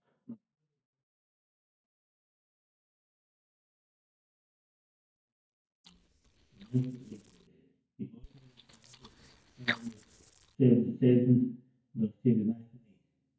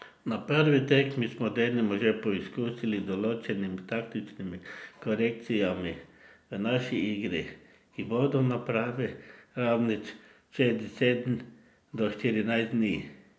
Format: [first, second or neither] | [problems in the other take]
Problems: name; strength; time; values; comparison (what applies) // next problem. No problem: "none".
second | noise reduction (neural mask model DeepFilterNet 3)